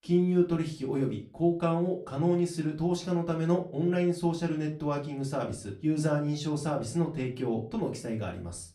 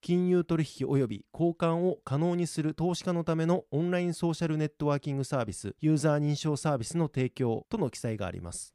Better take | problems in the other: second | off-mic speech; far // room echo; very slight; dies away in 0.3 s

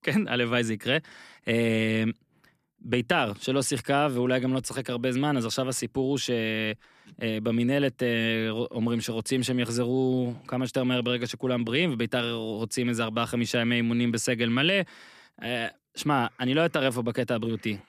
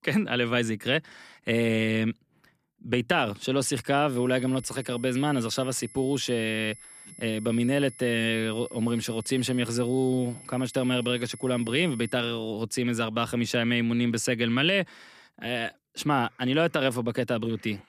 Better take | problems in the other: first | high-pitched whine; noticeable; from 4 to 12 s; 11 kHz, 20 dB below the speech

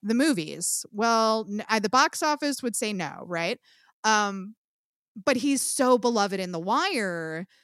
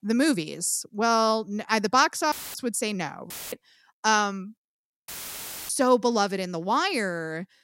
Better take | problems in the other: first | audio cutting out; filled with static; at 2.5 s, at 3.5 s and at 5 s for 0.5 s

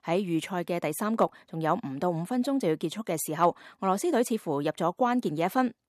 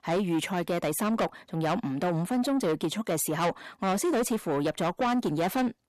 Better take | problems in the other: first | distortion; heavy; 7 dB below the speech

